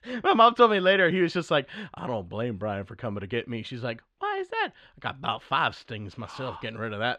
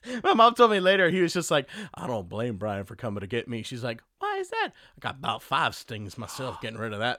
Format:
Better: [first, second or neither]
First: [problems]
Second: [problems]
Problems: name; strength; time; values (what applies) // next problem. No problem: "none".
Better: second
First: muffled; very slightly; fading above 3 kHz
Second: none